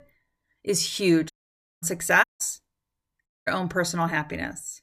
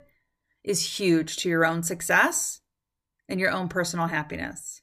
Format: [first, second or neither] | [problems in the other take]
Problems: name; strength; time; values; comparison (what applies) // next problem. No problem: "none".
second | audio cutting out; at 1.5 s for 0.5 s, at 2 s and at 3.5 s